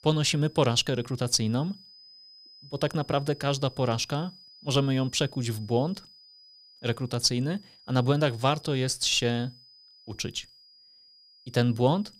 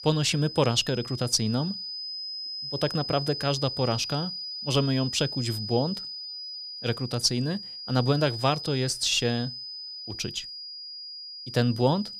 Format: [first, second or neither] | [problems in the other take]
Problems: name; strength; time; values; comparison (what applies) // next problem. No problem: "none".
first | high-pitched whine; loud; throughout; 5 kHz, 7 dB below the speech; faint in the first